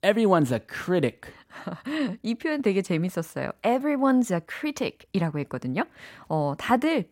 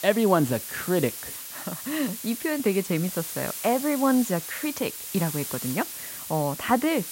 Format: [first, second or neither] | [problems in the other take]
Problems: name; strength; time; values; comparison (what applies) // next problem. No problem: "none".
first | hiss; loud; throughout; 7 dB below the speech